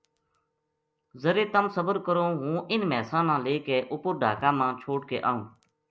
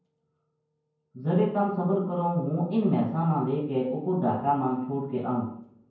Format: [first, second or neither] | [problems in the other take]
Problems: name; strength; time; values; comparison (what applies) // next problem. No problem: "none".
first | room echo; dies away in 0.9 s